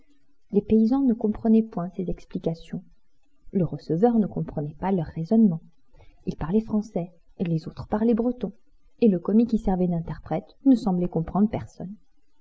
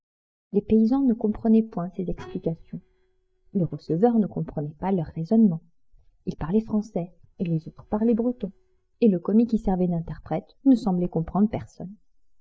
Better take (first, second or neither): first